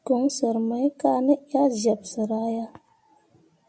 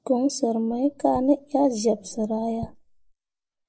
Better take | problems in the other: first | noise reduction (neural mask model Resemble Enhance denoiser)

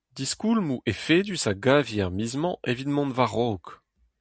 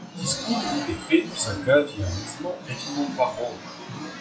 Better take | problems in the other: first | noise reduction (classical method WPE with log-MMSE)

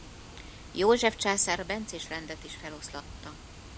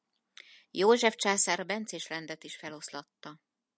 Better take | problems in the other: second | background sound (Water); 15 dB below the speech

